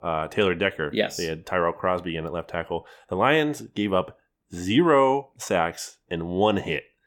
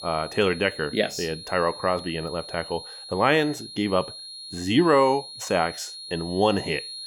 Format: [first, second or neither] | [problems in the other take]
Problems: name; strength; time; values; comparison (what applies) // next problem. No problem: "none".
first | high-pitched whine; noticeable; throughout; 4 kHz, 15 dB below the speech